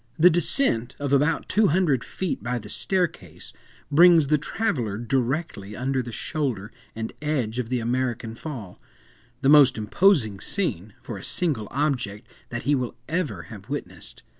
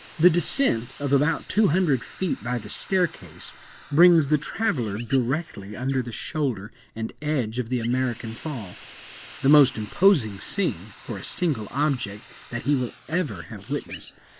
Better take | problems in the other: first | noise reduction (neural mask model Resemble Enhance denoiser)

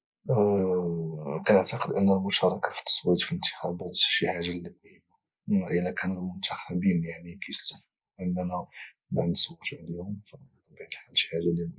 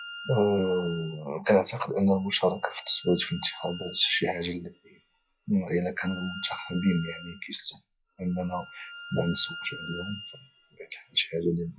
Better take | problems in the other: first | noise reduction (classical method log-MMSE)

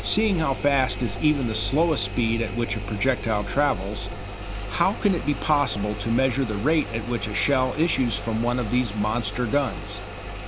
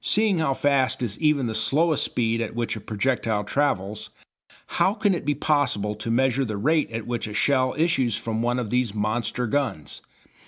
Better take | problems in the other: second | background sound (Engine); 7 dB below the speech

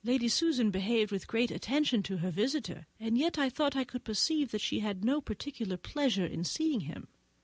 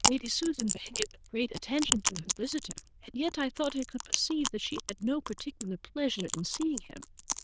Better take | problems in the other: first | noise reduction (neural diffusion model UNIVERSE++)

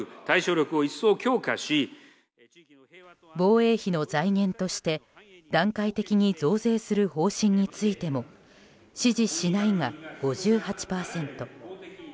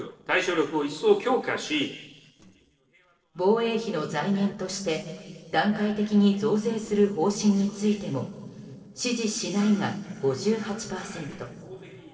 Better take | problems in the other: first | noise reduction (neural separator model SepFormer DNS4)

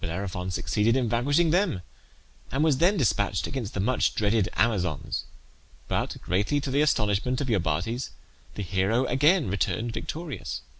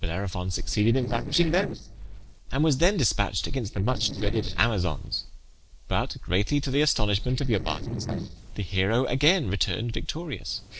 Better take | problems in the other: first | noise reduction (neural separator model SepFormer DNS4)

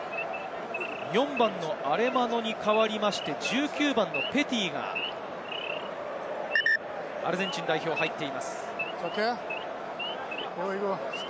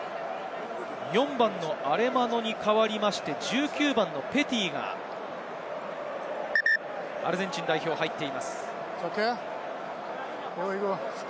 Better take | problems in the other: second | background sound (Idling / Wild animals); 10 dB below the speech

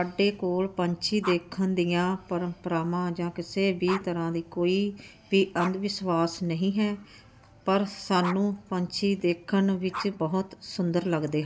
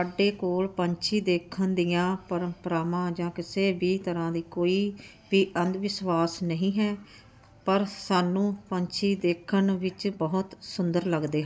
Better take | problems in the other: second | background sound (Dog); 17 dB below the speech

